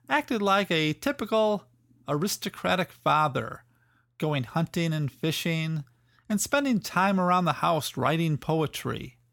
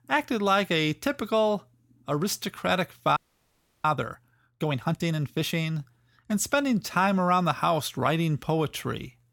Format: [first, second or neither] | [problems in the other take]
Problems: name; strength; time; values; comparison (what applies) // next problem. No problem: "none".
first | audio freezing; at 3 s for 0.5 s